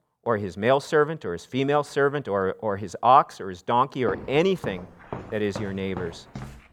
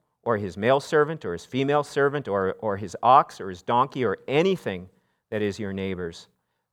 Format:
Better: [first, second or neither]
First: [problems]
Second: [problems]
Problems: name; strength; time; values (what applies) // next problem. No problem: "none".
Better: second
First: footsteps; faint; from 4 s on; peak 10 dB below the speech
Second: none